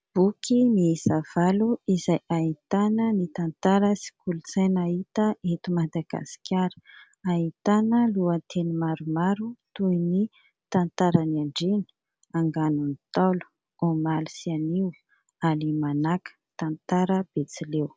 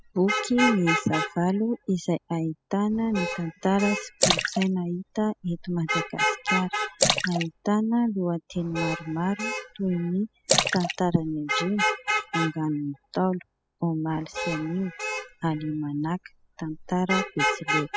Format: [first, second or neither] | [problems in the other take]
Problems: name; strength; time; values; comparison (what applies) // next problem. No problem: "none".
first | noise reduction (classical method spectral subtraction)